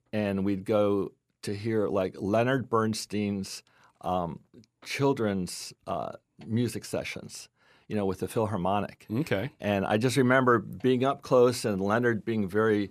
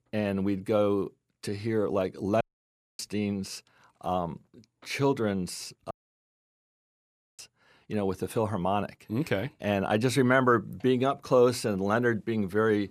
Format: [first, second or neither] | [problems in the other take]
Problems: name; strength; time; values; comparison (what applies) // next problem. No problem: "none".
first | audio cutting out; at 2.5 s for 0.5 s and at 6 s for 1.5 s